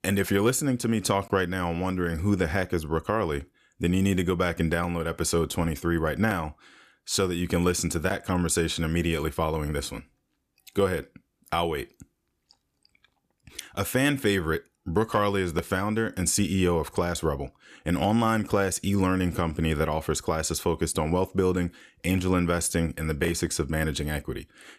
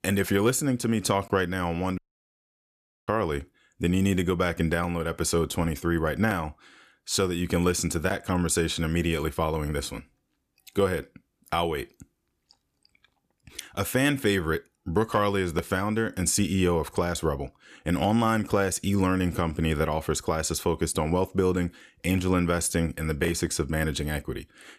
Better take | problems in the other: first | audio cutting out; at 2 s for 1 s

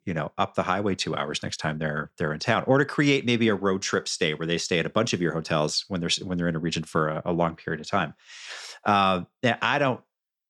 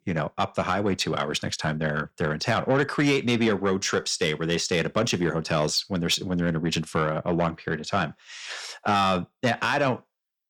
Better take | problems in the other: first | distortion; slight; 10 dB below the speech

